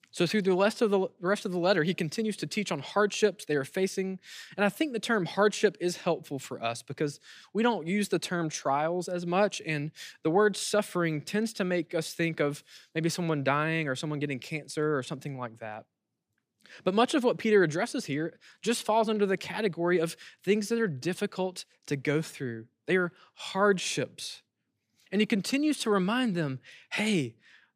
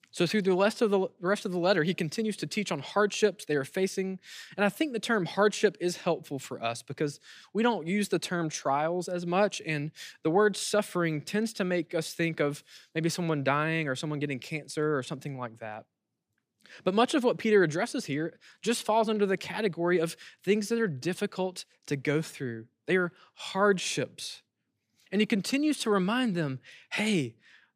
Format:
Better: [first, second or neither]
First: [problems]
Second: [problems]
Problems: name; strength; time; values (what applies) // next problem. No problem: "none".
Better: neither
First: none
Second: none